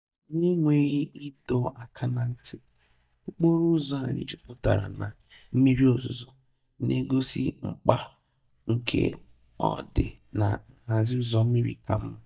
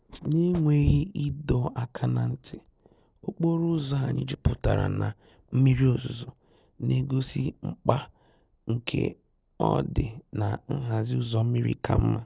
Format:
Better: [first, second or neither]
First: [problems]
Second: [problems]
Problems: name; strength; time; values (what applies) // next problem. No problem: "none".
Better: second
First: noise reduction (neural mask model DeepFilterNet 3)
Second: none